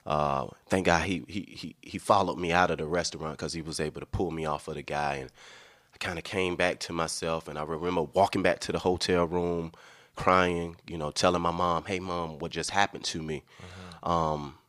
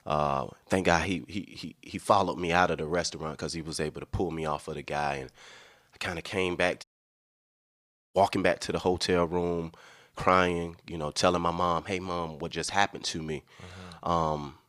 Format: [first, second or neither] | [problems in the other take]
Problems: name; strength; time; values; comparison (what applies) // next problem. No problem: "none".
first | audio cutting out; at 7 s for 1.5 s